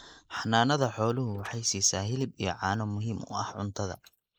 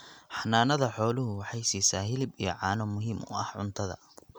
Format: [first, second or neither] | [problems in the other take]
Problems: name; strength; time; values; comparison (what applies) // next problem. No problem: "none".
second | noise reduction (neural mask model Resemble Enhance denoiser)